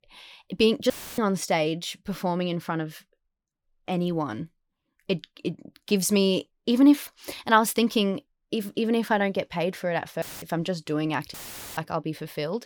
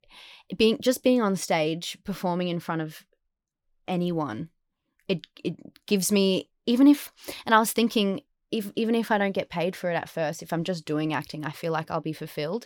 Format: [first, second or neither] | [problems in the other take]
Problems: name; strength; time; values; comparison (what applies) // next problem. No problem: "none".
second | audio cutting out; filled with static; at 1 s, at 10 s and at 11 s